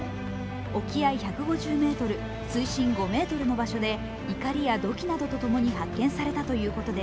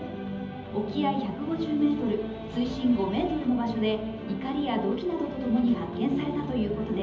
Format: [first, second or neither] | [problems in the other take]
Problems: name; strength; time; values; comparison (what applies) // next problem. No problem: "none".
first | room echo; dies away in 1.2 s